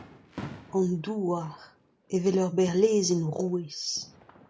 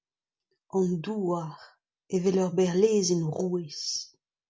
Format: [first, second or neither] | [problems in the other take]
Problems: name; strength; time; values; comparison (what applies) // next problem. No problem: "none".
second | background sound (Fireworks); 20 dB below the speech